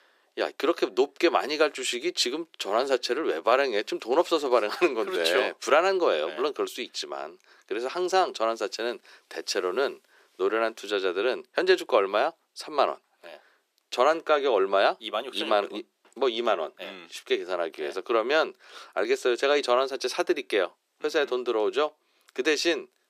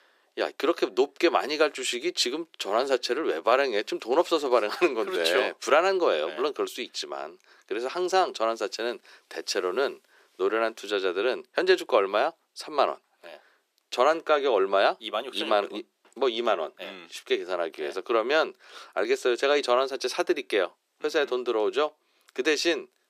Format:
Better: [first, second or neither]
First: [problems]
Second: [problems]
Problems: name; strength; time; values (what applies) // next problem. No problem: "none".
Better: neither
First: thin; very; fading below 350 Hz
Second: thin; very; fading below 350 Hz